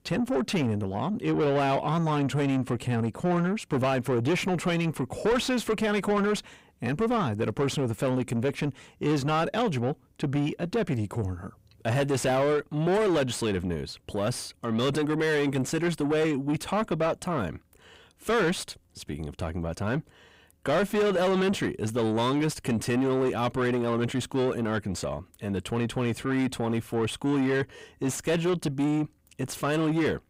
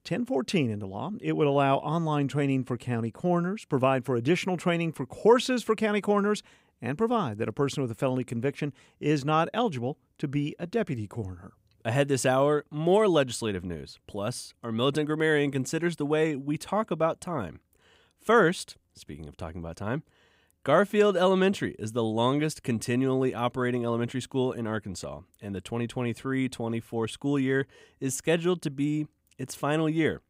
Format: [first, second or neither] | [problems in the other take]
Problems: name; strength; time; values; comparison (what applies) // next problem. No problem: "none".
second | distortion; heavy; 7 dB below the speech